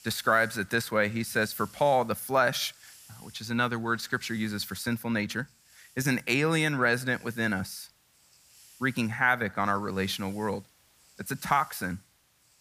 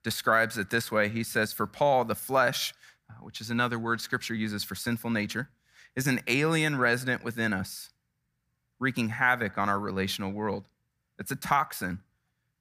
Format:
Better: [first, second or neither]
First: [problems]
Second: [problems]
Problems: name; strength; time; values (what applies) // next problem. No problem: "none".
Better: second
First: hiss; faint; throughout; 25 dB below the speech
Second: none